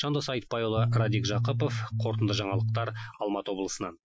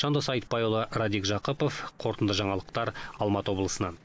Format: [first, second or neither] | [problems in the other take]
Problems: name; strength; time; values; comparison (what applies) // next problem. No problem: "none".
second | noise reduction (classical method Wiener filter)